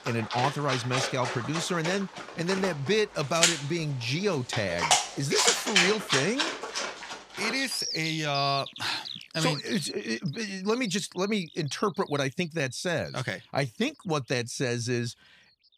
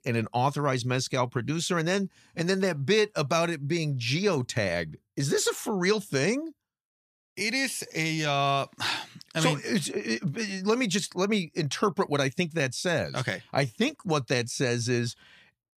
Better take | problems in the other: second | animal sounds; very loud; throughout; as loud as the speech

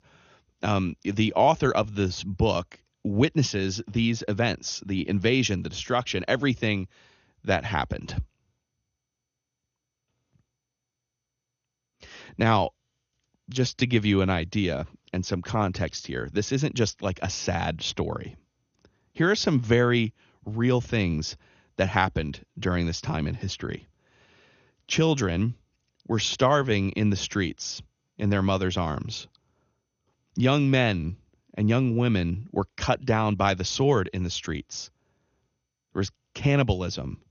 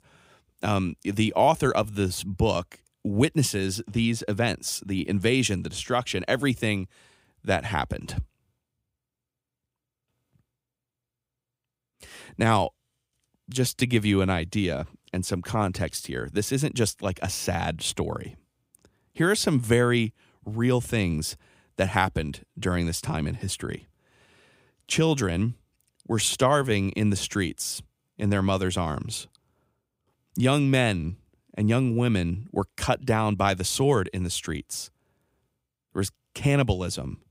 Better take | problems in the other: second | garbled, watery; slightly; nothing above 6.5 kHz

